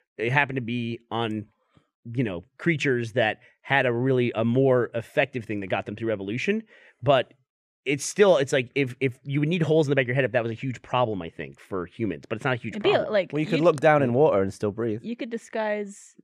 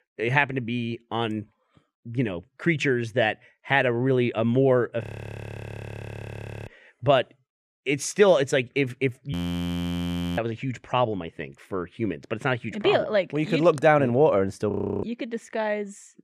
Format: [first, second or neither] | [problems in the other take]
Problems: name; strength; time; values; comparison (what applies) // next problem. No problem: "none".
first | audio freezing; at 5 s for 1.5 s, at 9.5 s for 1 s and at 15 s